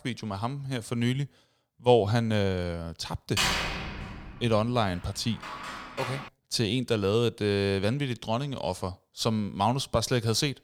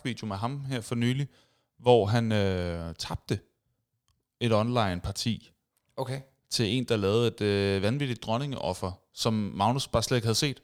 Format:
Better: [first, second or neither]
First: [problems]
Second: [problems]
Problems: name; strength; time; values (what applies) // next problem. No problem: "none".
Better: second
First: door banging; loud; from 3.5 to 6.5 s; peak 3 dB above the speech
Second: none